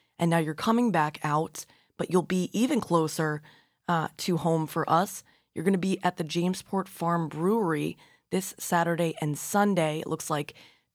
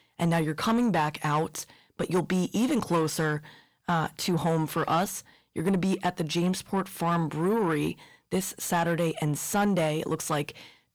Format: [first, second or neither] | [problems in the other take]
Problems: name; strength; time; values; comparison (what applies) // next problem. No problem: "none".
first | distortion; slight; 10 dB below the speech